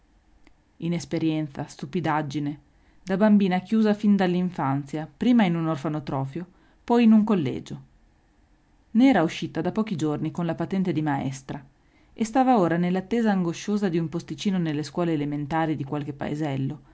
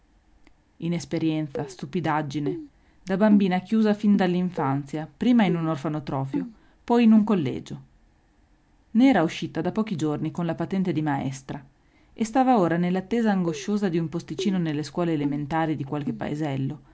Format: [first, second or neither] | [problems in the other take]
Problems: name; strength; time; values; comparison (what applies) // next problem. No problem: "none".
first | background sound (Keyboard (musical)); 12 dB below the speech